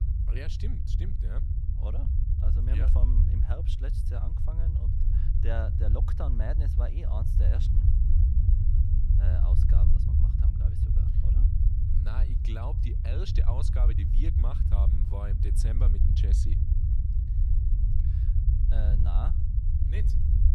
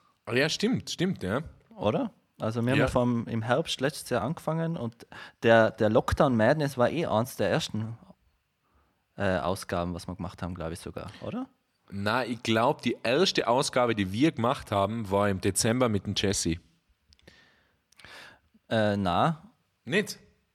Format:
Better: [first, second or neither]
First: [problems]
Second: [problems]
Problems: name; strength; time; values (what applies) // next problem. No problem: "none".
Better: second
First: low rumble; loud; throughout; as loud as the speech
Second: none